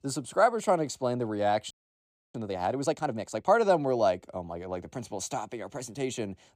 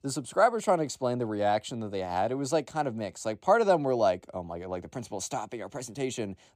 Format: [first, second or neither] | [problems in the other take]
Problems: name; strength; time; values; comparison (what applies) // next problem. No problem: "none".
second | audio freezing; at 1.5 s for 0.5 s